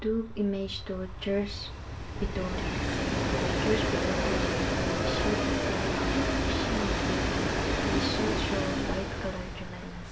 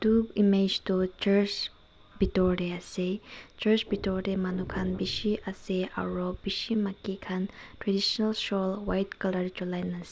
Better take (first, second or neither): second